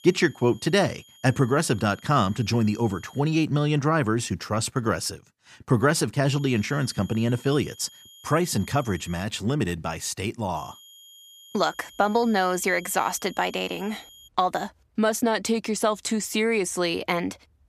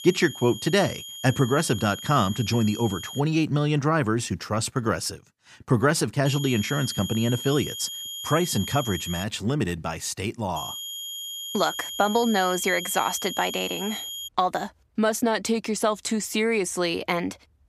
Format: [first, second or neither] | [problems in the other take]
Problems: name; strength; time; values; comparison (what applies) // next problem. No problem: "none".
first | high-pitched whine; loud; until 3 s, from 6.5 to 9 s and from 11 to 14 s; 3 kHz, 8 dB below the speech; faint in the first